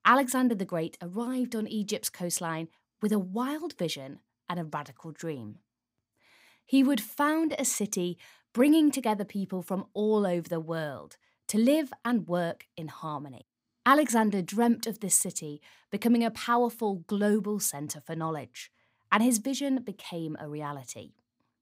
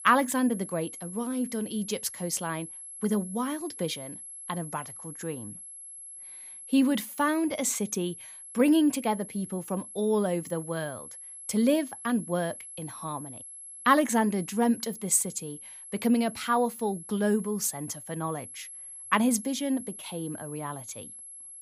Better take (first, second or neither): first